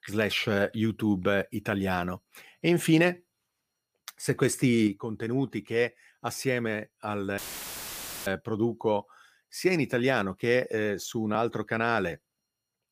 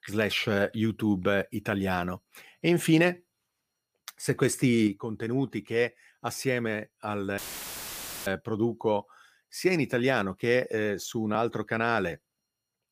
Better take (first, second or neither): neither